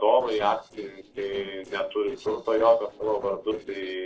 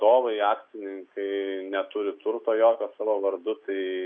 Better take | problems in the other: second | noise reduction (neural separator model SepFormer DNS4)

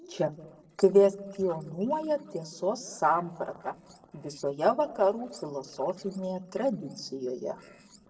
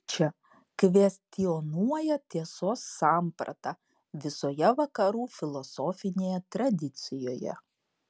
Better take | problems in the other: second | noise reduction (neural separator model SepFormer DNS4)

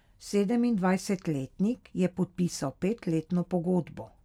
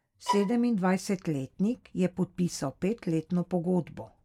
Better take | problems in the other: first | noise reduction (neural mask model Resemble Enhance denoiser)

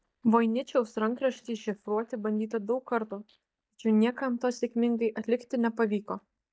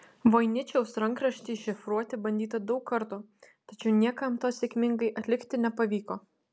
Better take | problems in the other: second | noise reduction (neural mask model DeepFilterNet 3)

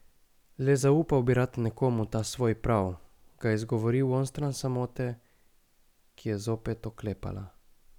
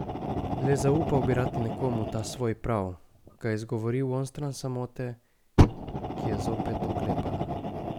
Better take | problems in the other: first | background sound (Fire); 1 dB above the speech

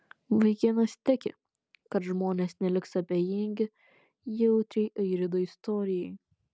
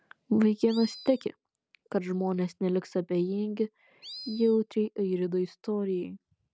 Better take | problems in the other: first | background sound (Animal); 16 dB below the speech

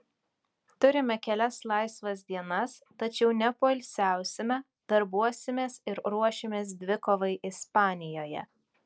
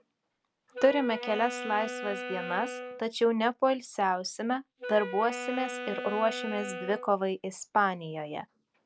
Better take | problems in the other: first | background sound (Wind instrument, woodwind instrument); 9 dB below the speech

